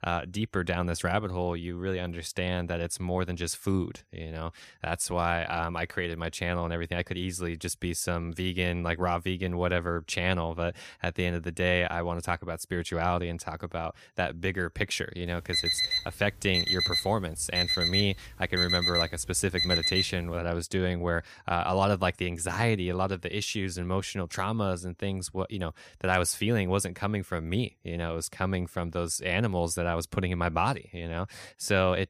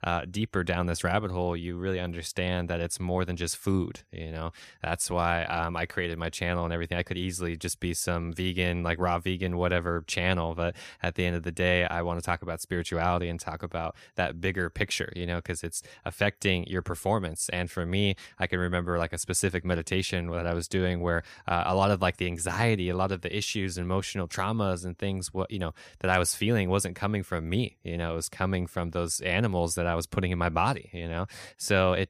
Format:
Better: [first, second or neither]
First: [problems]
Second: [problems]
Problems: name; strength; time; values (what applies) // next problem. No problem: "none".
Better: second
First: alarm; loud; from 16 to 20 s; peak 5 dB above the speech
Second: none